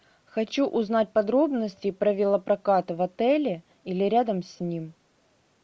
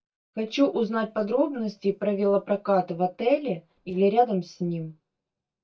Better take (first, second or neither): first